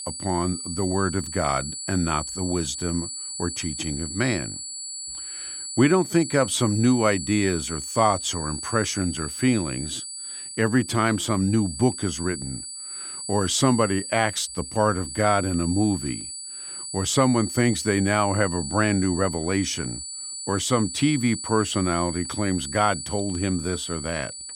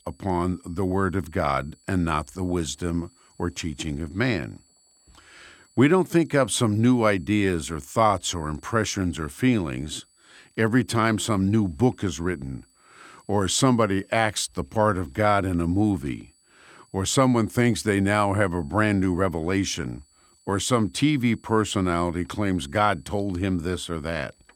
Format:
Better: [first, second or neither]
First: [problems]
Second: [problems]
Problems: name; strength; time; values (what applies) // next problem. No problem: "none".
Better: second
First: high-pitched whine; loud; throughout; 8 kHz, 7 dB below the speech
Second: high-pitched whine; faint; throughout; 8 kHz, 35 dB below the speech